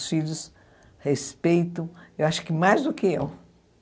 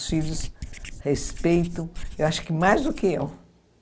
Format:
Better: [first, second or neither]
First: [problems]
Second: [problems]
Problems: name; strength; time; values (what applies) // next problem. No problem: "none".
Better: first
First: none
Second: background sound (Writing); 8 dB below the speech